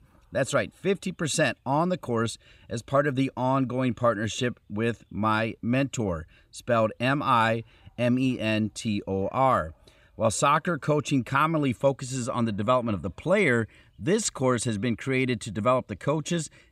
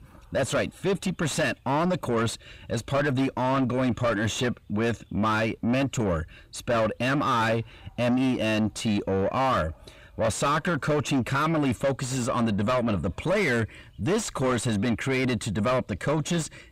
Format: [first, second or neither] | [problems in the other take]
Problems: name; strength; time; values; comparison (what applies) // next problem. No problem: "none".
first | distortion; heavy; 6 dB below the speech